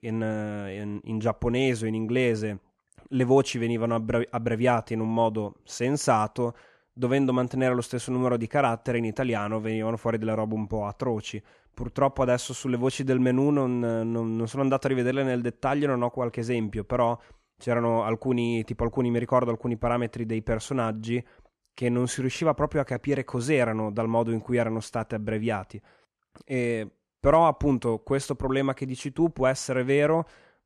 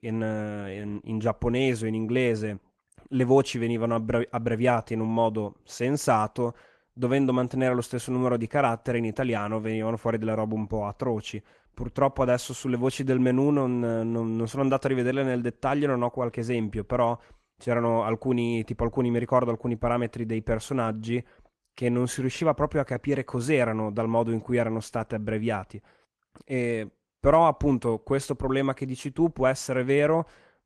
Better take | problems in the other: first | garbled, watery; slightly; nothing above 13 kHz

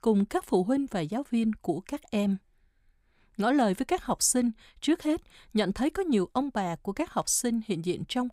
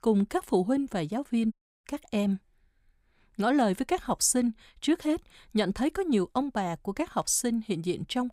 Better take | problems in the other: first | audio cutting out; at 1.5 s

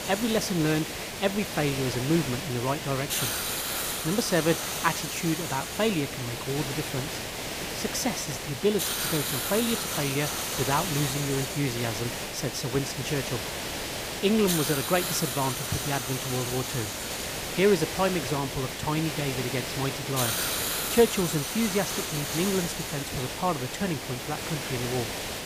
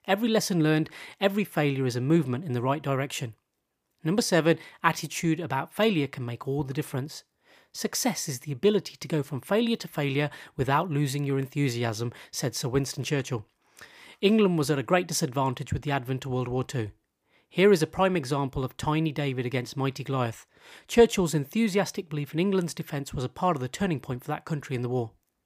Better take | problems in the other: second | hiss; loud; throughout; 2 dB below the speech

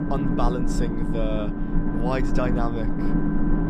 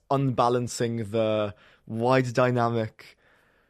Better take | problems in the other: second | low rumble; loud; throughout; 2 dB below the speech

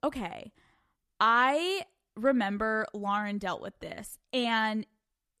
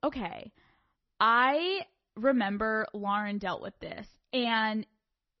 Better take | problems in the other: first | garbled, watery; slightly; nothing above 5 kHz

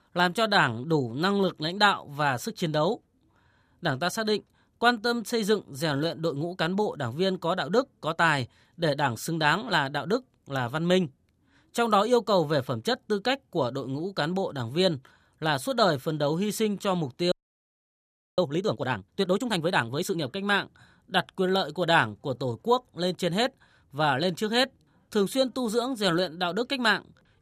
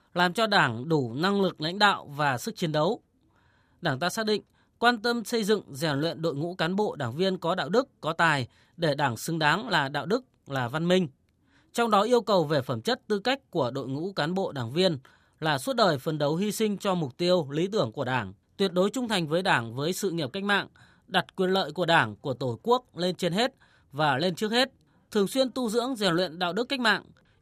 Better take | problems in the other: second | audio freezing; at 17 s for 1 s

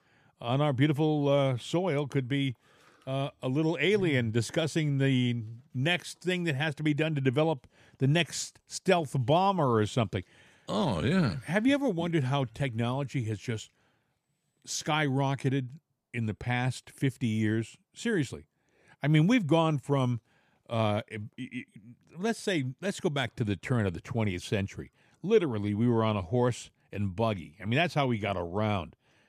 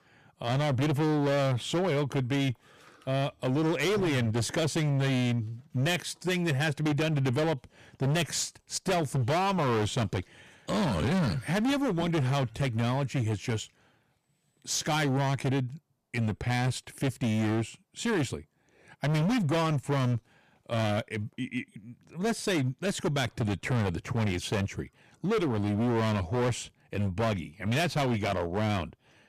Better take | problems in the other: first | distortion; heavy; 22% of the sound clipped

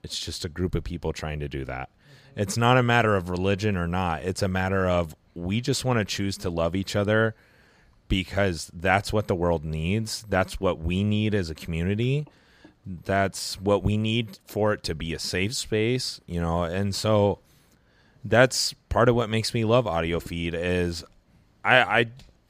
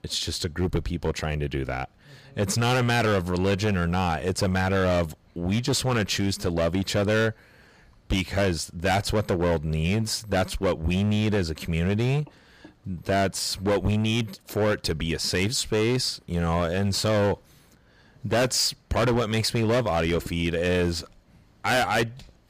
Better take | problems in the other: first | distortion; heavy; 12% of the sound clipped

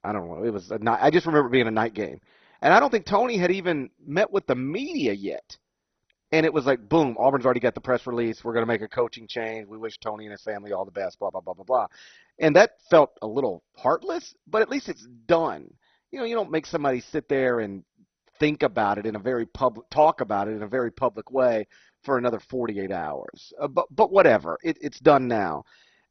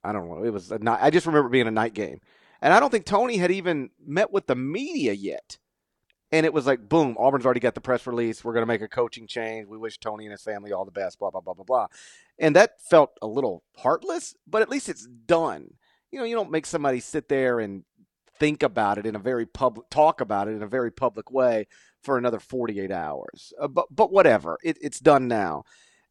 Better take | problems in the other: second | garbled, watery; badly; nothing above 6 kHz

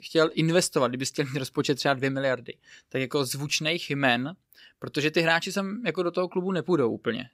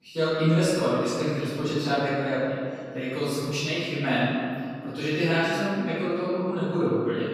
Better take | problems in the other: first | room echo; strong; dies away in 2.4 s // off-mic speech; far

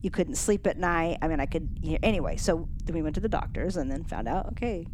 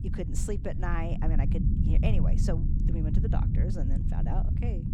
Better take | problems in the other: first | low rumble; loud; throughout; 2 dB below the speech; faint in the first

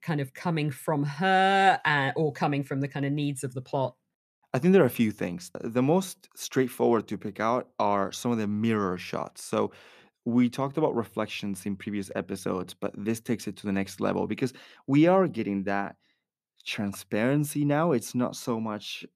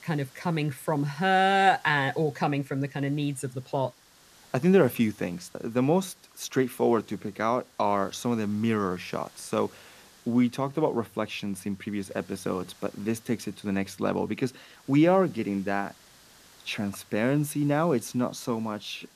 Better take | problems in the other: first | hiss; faint; throughout; 25 dB below the speech

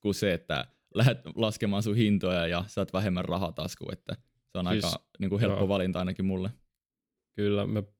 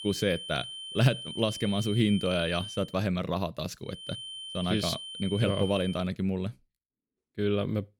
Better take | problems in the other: first | high-pitched whine; loud; until 3 s and from 4 to 6 s; 3 kHz, 9 dB below the speech

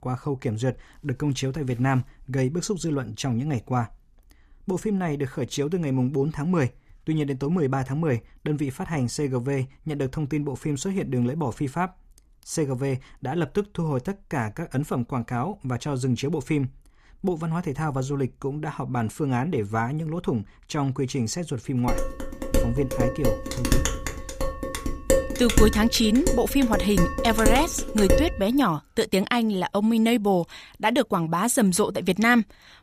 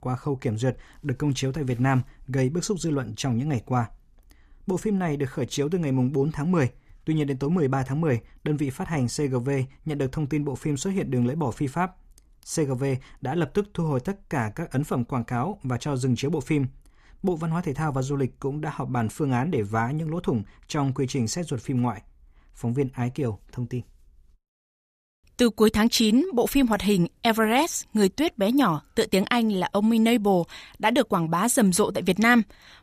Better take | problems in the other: second | clattering dishes; loud; from 22 to 28 s; peak 2 dB above the speech

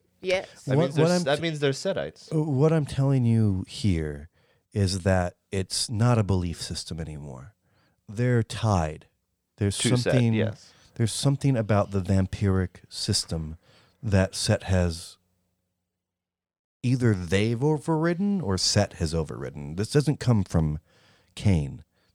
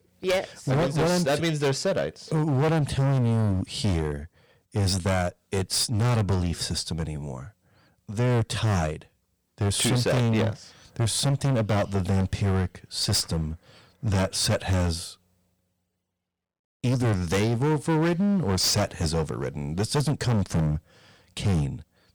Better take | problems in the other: first | distortion; heavy; 16% of the sound clipped

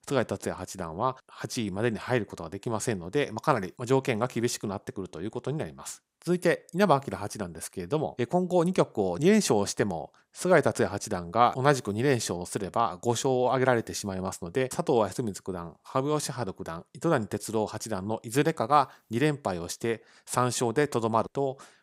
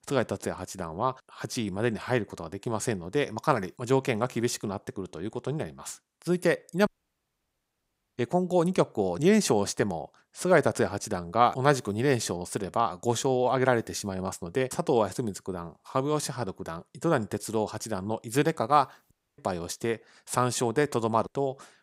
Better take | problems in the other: first | audio cutting out; at 7 s for 1.5 s and at 19 s

